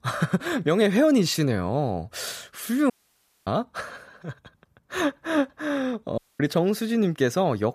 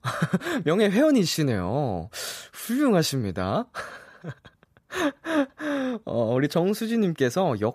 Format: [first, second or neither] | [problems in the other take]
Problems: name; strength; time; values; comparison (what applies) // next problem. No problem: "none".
second | audio cutting out; at 3 s for 0.5 s and at 6 s